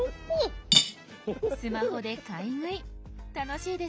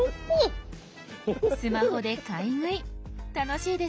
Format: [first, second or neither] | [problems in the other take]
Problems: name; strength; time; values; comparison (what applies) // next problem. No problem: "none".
second | background sound (Cutlery, silverware / Dishes, pots, and pans); 2 dB above the speech